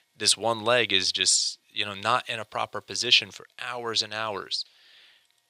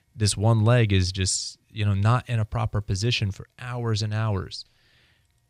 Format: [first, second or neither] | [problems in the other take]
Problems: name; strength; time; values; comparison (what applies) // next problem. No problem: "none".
second | thin; very; fading below 500 Hz